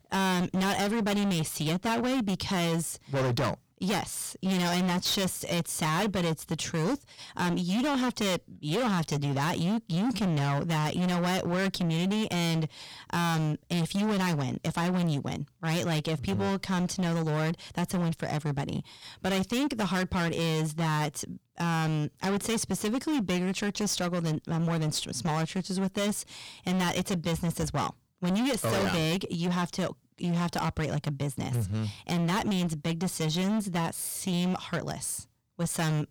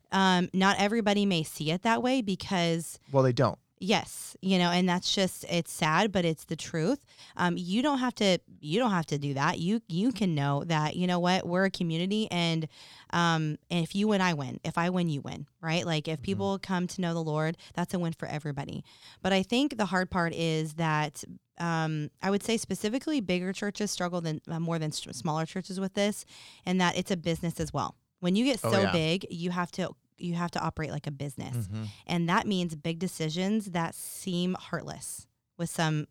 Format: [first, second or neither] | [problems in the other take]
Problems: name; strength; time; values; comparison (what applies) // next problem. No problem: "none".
second | distortion; heavy; 26% of the sound clipped